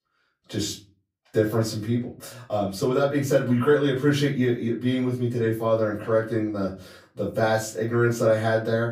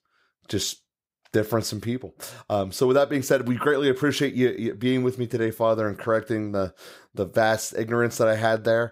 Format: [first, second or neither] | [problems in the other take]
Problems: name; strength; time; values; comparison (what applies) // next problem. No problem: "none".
second | off-mic speech; far // room echo; slight; dies away in 0.3 s